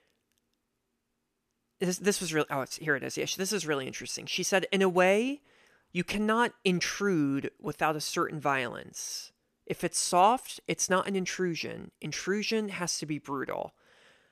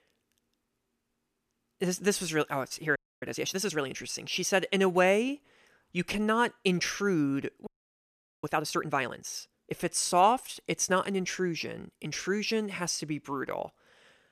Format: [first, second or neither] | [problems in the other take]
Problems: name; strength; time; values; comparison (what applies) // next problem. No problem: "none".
first | audio freezing; at 3 s and at 7.5 s for 1 s